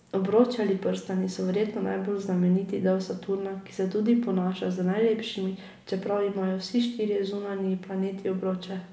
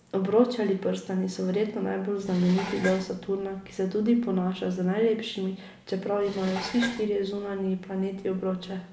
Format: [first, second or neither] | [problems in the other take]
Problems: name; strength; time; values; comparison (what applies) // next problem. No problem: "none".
first | background sound (Dishes, pots, and pans); 14 dB below the speech